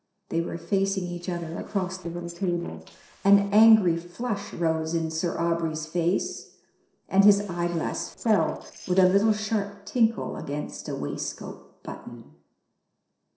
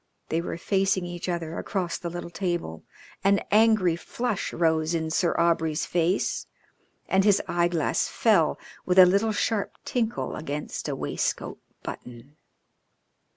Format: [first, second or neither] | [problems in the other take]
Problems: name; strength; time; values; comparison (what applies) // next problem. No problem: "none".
second | noise reduction (neural separator model SepFormer DNS4)